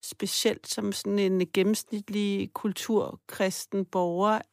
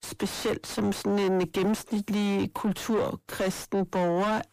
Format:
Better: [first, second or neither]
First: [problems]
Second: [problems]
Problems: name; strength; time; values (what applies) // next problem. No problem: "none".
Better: first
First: none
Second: distortion; heavy; 6 dB below the speech